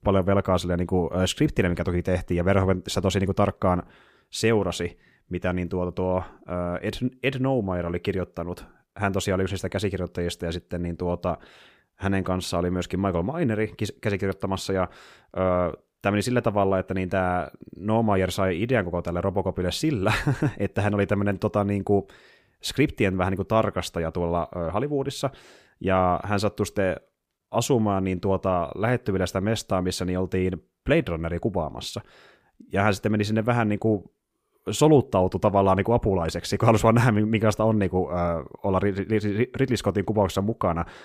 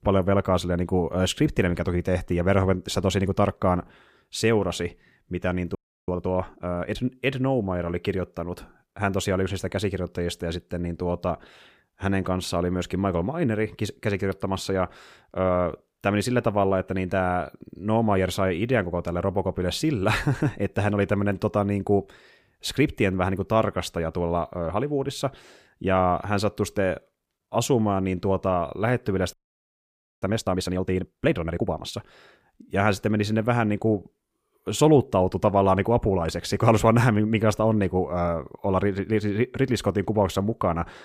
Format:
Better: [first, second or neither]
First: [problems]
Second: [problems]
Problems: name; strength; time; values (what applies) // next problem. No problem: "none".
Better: first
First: none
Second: audio freezing; at 6 s and at 29 s for 1 s